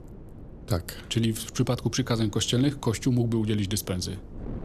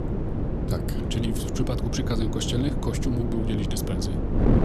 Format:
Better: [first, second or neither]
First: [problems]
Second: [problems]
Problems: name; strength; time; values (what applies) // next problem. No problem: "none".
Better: first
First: wind noise on the microphone; occasional gusts; 20 dB below the speech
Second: wind noise on the microphone; heavy; 1 dB below the speech